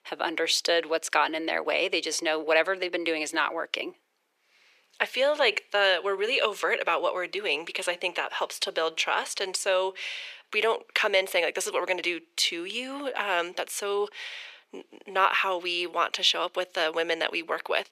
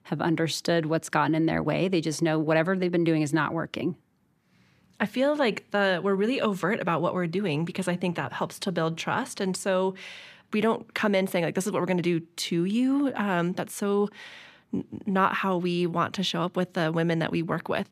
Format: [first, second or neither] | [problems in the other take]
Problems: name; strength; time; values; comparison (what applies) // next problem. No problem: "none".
second | thin; very; fading below 450 Hz